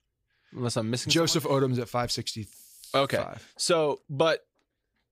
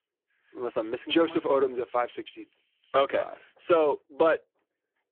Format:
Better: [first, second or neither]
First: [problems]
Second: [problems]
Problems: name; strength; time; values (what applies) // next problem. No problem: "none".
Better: first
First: none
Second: phone-call audio; poor line; nothing above 3 kHz